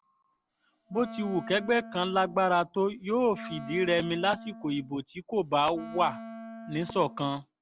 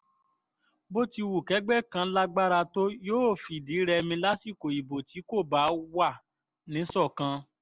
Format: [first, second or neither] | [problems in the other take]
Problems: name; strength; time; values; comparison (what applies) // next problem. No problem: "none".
second | background sound (Wind instrument, woodwind instrument); 15 dB below the speech